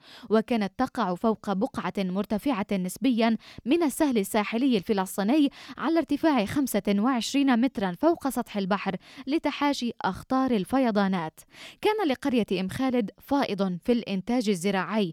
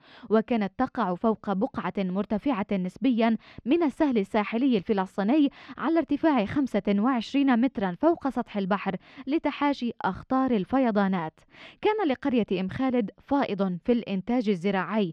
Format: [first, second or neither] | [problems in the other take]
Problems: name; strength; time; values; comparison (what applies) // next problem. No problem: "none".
first | muffled; slightly; fading above 3 kHz